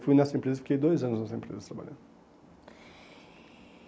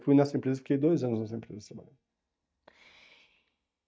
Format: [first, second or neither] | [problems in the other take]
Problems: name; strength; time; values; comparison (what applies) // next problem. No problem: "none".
first | noise reduction (neural mask model DeepFilterNet 3)